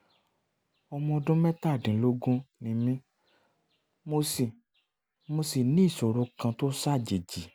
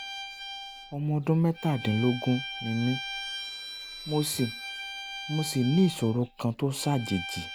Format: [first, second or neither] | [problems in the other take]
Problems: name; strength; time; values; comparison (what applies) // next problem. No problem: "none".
first | background sound (Bowed string instrument); 10 dB below the speech